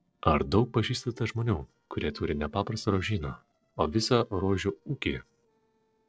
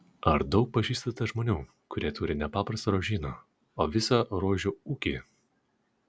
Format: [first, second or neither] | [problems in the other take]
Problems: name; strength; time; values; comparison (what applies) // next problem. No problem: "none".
second | noise reduction (neural separator model SepFormer DNS4)